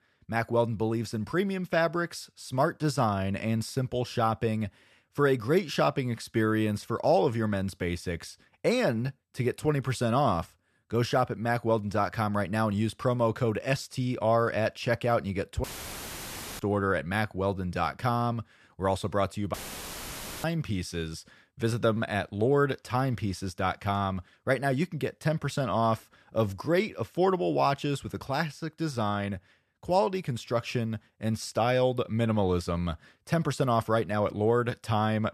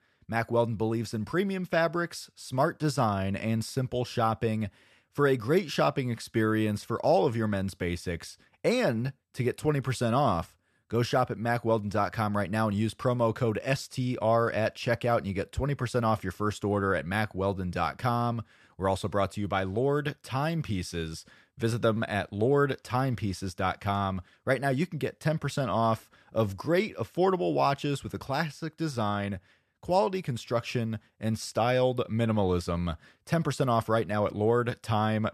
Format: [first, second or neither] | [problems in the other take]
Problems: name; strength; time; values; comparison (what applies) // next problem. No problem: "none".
second | audio cutting out; filled with static; at 16 s for 1 s and at 20 s for 1 s